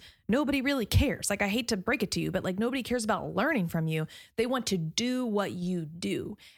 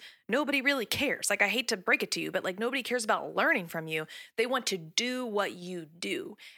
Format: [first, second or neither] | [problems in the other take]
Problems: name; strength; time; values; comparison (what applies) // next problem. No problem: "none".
first | thin; somewhat; fading below 350 Hz